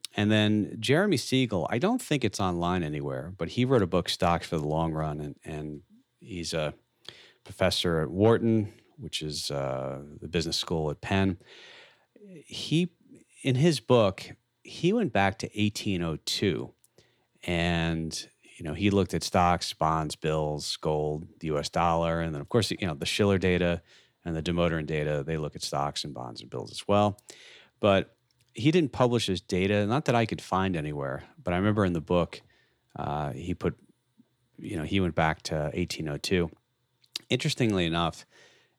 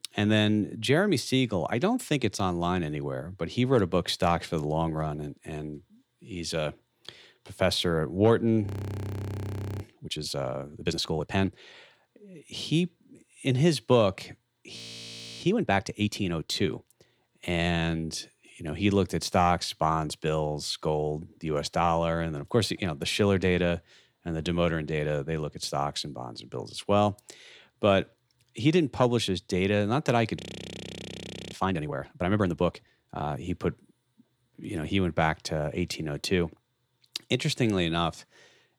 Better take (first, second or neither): first